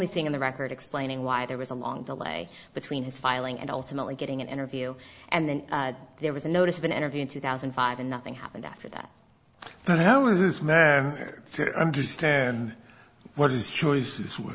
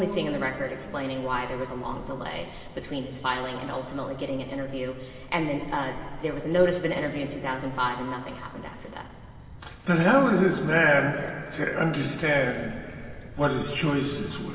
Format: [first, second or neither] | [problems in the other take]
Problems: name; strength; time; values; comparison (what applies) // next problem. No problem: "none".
first | background sound (Cricket); 16 dB below the speech // room echo; dies away in 2.5 s